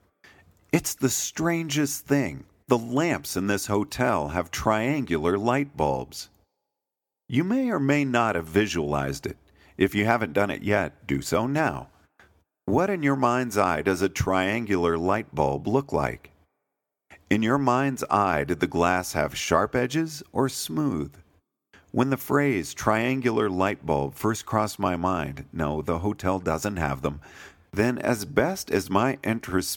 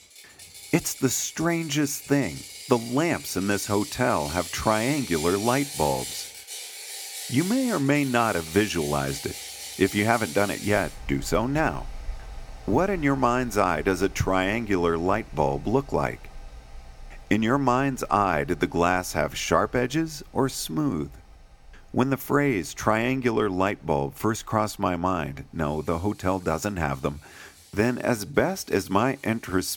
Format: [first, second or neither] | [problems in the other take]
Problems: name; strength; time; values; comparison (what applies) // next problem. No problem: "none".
first | machinery noise; noticeable; throughout; 10 dB below the speech